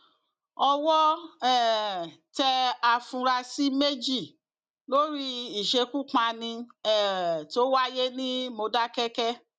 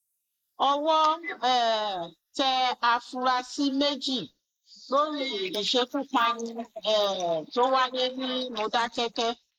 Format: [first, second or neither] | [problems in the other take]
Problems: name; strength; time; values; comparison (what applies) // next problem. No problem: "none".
first | noise reduction (neural mask model Resemble Enhance denoiser)